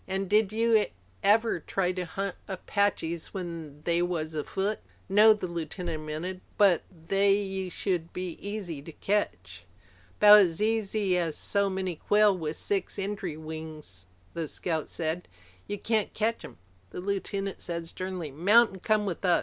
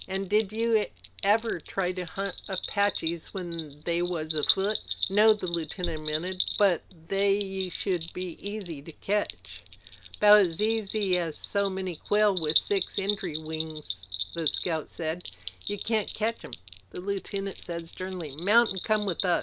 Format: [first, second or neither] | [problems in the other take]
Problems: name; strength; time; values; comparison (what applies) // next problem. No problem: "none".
first | background sound (Bell); 9 dB below the speech